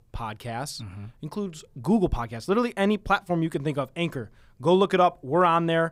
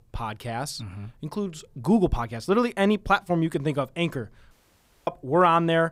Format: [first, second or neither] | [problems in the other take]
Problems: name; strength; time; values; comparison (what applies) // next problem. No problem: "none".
first | audio cutting out; at 4.5 s for 0.5 s